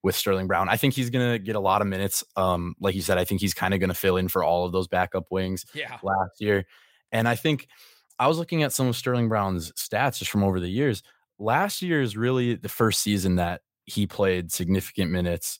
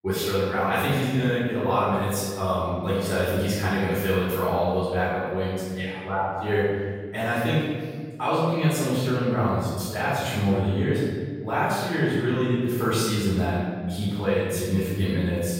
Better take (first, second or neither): first